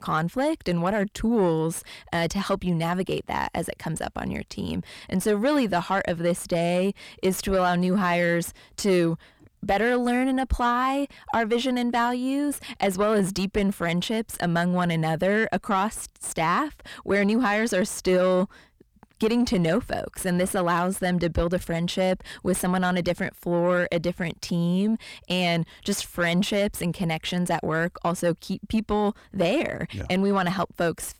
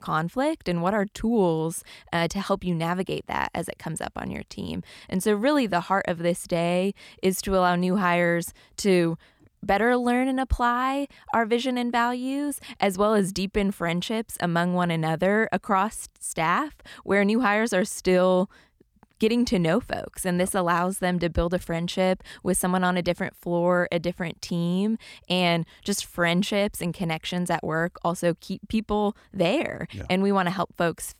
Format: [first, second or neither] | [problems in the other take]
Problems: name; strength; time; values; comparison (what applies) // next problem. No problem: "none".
second | distortion; slight; 10 dB below the speech